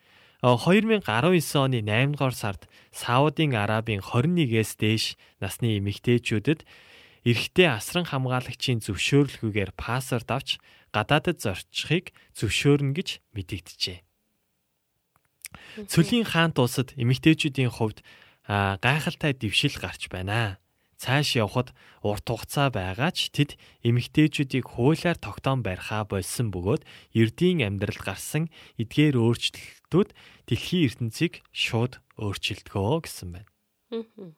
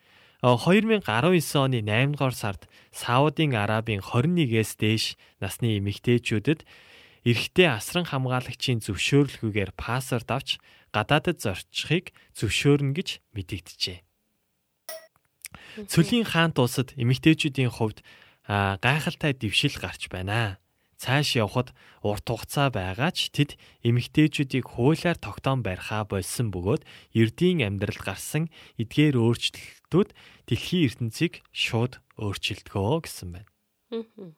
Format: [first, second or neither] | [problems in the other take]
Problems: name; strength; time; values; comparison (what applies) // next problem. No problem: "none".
first | clattering dishes; faint; at 15 s; peak 15 dB below the speech